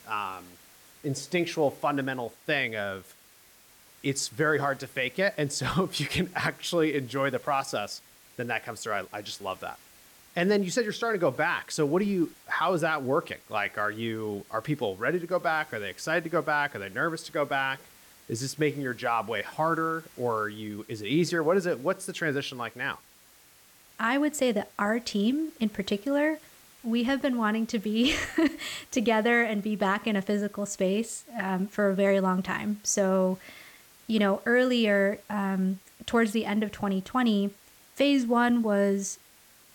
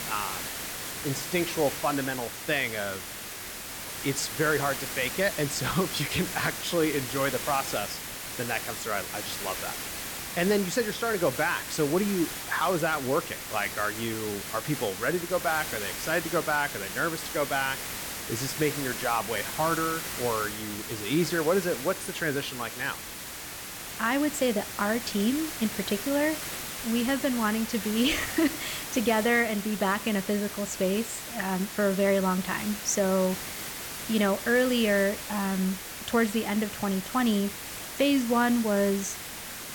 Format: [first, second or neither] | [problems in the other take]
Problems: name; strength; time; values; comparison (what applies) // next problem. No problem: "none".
first | hiss; loud; throughout; 6 dB below the speech; faint in the first